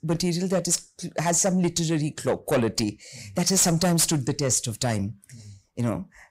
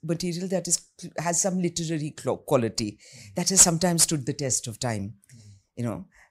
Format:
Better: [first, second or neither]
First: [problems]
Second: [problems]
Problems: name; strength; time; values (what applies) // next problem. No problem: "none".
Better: second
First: distortion; heavy; 6 dB below the speech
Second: none